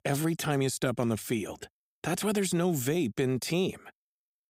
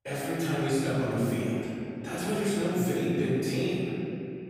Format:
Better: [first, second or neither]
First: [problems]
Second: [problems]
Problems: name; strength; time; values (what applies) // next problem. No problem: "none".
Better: first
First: none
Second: off-mic speech; far // room echo; strong; dies away in 2.9 s